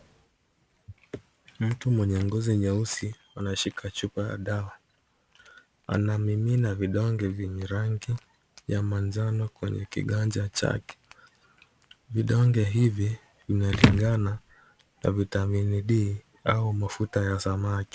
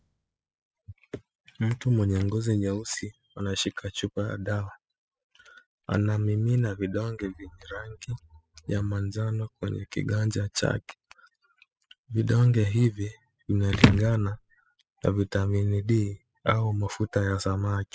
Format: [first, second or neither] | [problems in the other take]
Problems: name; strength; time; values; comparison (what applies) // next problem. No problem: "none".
first | noise reduction (classical method spectral subtraction)